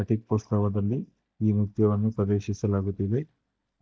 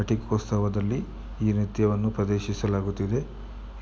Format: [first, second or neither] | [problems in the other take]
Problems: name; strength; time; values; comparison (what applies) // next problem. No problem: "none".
second | noise reduction (neural mask model DeepFilterNet 3)